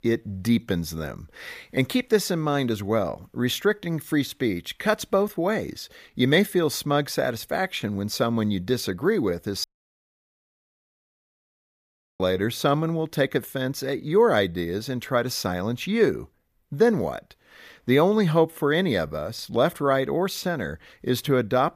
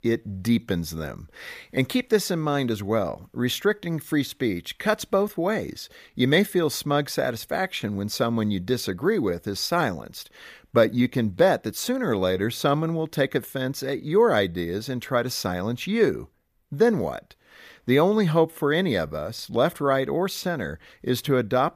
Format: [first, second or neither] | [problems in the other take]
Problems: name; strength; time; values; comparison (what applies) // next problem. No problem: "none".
second | audio cutting out; at 9.5 s for 2.5 s